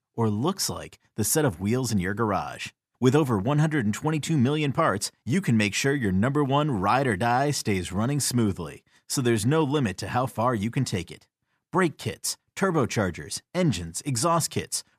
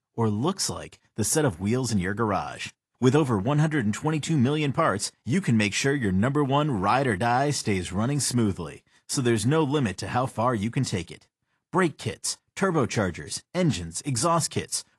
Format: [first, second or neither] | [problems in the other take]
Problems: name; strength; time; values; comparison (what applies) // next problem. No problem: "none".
first | garbled, watery; slightly; nothing above 11.5 kHz